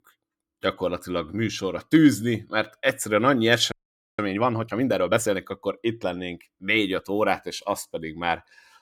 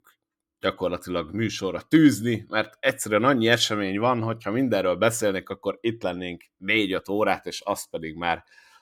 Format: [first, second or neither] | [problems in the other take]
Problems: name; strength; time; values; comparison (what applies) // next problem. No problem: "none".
second | audio freezing; at 3.5 s